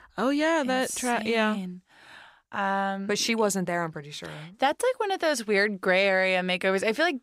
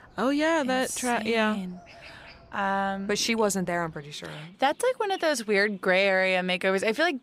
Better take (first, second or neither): first